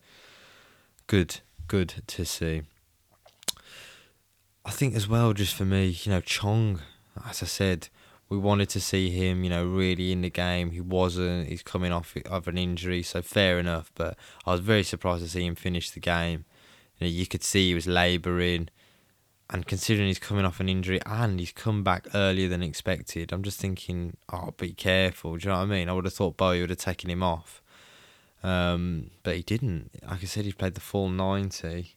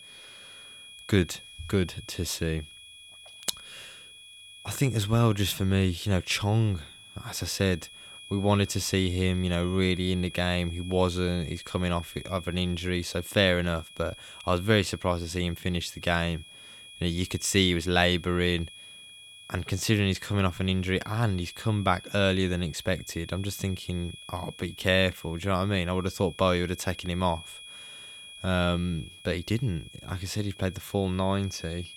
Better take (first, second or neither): first